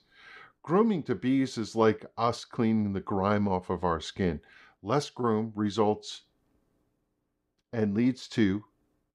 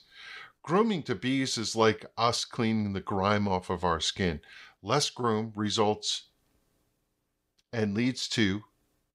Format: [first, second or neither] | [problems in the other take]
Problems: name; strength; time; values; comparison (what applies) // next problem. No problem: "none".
second | muffled; slightly; fading above 2 kHz